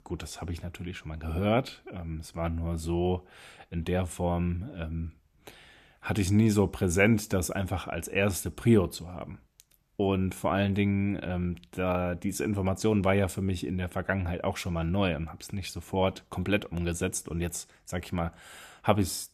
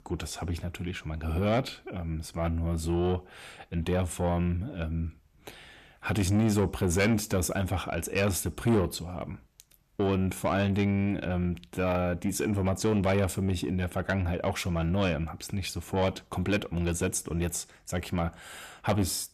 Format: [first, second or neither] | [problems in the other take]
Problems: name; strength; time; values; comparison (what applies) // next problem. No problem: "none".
first | distortion; slight; 10 dB below the speech